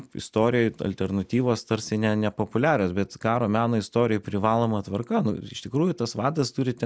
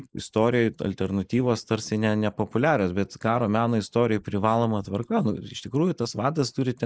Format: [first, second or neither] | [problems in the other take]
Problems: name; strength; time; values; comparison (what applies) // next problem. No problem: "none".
first | noise reduction (neural mask model Resemble Enhance denoiser)